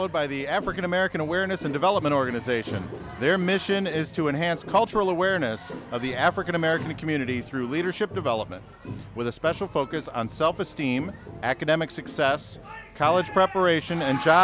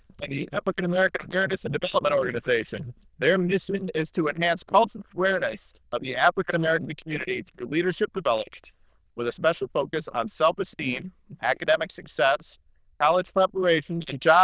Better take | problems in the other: first | noise reduction (neural diffusion model UNIVERSE++)

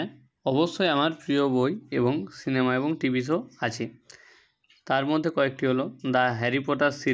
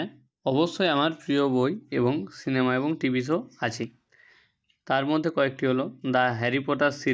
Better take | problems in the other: first | noise reduction (neural mask model DeepFilterNet 3)

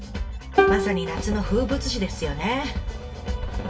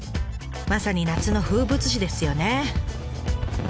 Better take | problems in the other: second | background sound (Plucked string instrument); as loud as the speech // room echo; dies away in 0.1 s

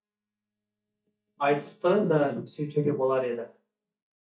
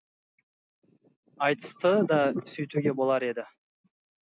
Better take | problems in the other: second | noise reduction (neural mask model DeepFilterNet 3)

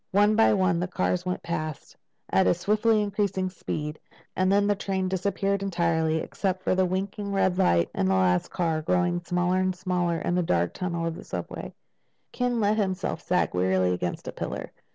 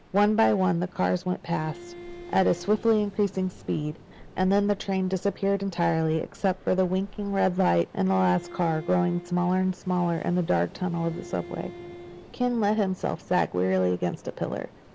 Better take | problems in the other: first | background sound (Bowed string instrument + Ocean); 19 dB below the speech

